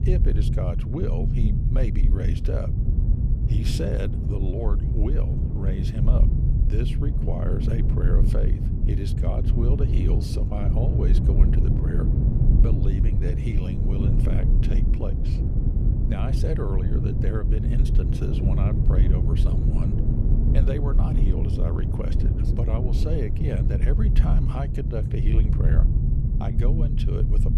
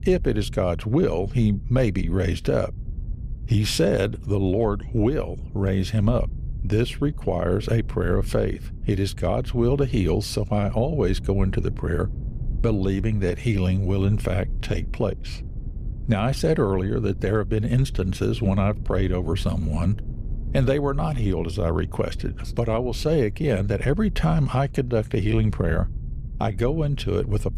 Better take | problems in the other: second | low rumble; loud; throughout; 1 dB below the speech; faint in the second

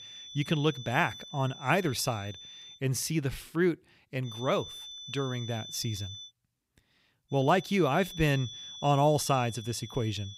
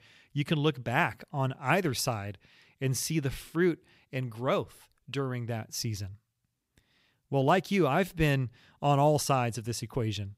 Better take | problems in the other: second | high-pitched whine; noticeable; until 3 s, from 4.5 to 6.5 s and from 7.5 s on; 3.5 kHz, 15 dB below the speech

